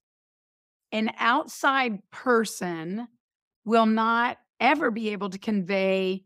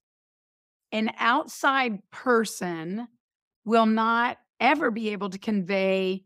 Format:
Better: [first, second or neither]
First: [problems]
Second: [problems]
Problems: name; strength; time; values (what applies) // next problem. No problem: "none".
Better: neither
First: none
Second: none